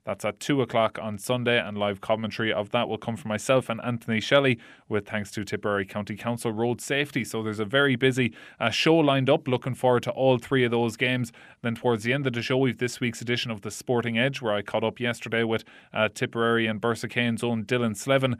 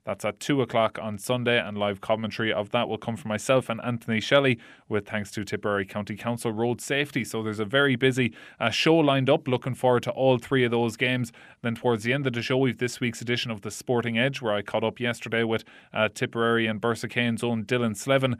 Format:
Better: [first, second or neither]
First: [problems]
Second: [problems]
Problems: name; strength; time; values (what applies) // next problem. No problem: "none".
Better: neither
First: none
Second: none